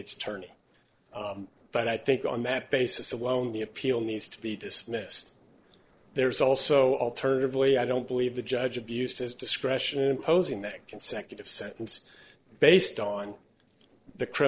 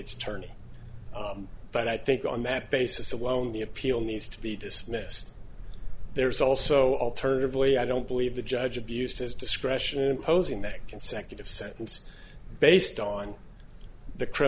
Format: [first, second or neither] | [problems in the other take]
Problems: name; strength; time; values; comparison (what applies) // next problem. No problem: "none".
second | noise reduction (neural separator model SepFormer DNS4)